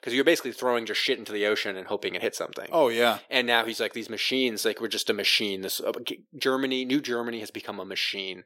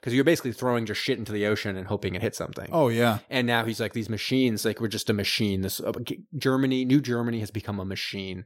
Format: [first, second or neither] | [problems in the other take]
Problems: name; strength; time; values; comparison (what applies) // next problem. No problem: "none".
second | thin; somewhat; fading below 400 Hz